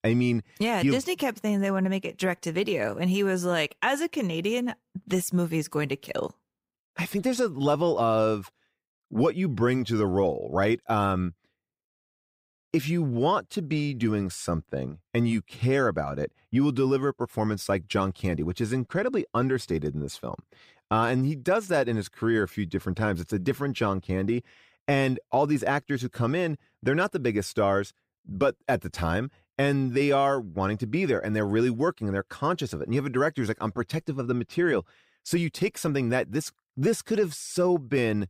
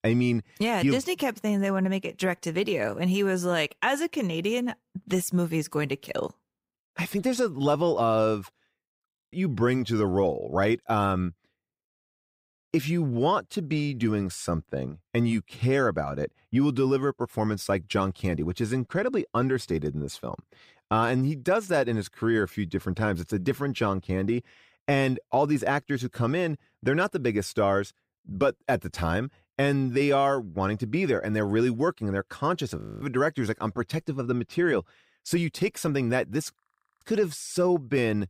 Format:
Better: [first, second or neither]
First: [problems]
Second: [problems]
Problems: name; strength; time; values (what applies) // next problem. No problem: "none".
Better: first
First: none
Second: audio freezing; at 9 s, at 33 s and at 37 s